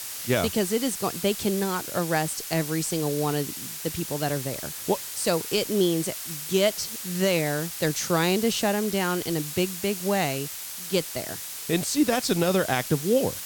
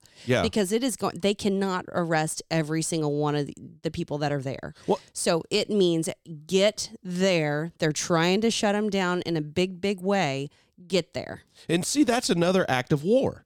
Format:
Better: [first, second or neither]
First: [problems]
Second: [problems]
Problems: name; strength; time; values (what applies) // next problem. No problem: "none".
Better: second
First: hiss; loud; throughout; 6 dB below the speech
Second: none